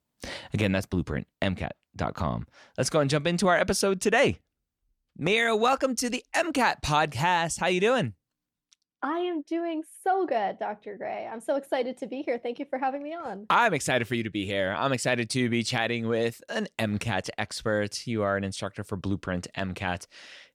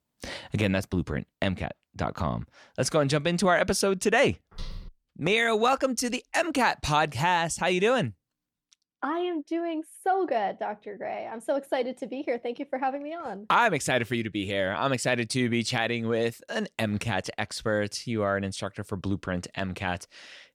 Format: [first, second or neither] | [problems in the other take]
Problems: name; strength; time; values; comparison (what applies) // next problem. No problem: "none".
first | footsteps; faint; at 4.5 s; peak 15 dB below the speech